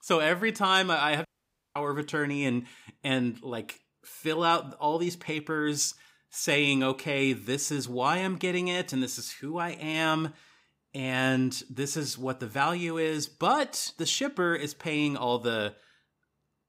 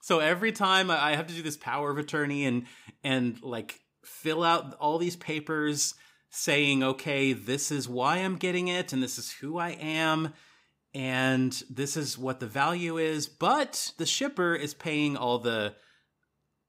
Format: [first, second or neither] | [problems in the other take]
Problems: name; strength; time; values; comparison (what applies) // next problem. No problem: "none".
second | audio cutting out; at 1.5 s for 0.5 s